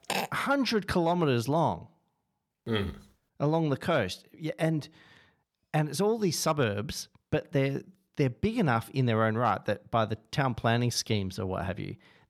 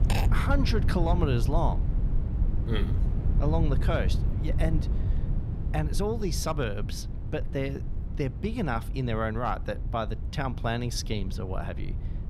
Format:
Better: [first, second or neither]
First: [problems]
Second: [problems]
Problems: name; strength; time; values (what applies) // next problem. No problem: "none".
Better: first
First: none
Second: low rumble; noticeable; throughout; 10 dB below the speech